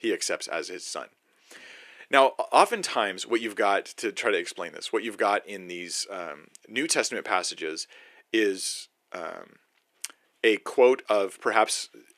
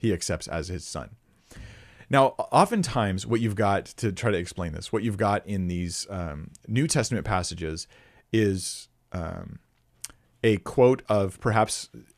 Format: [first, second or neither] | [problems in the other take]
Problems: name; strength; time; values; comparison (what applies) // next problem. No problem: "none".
second | thin; somewhat; fading below 350 Hz